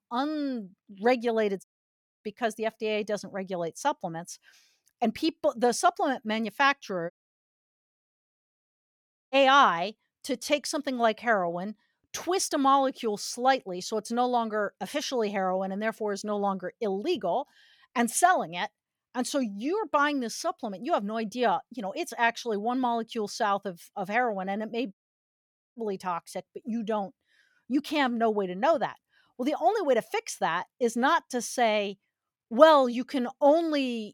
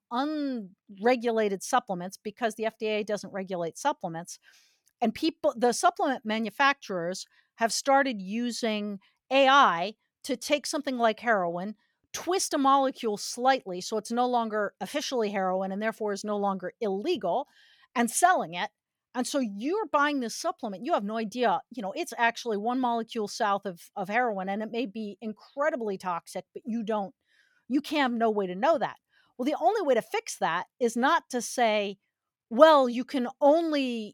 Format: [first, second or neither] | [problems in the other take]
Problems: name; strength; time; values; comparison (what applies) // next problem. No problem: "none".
second | audio cutting out; at 1.5 s for 0.5 s, at 7 s for 2 s and at 25 s for 1 s